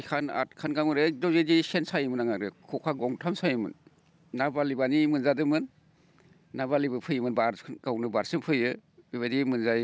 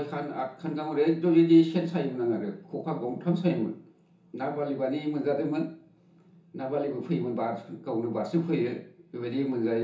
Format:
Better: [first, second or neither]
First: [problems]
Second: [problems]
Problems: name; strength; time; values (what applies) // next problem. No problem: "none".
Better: first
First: none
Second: room echo; dies away in 0.7 s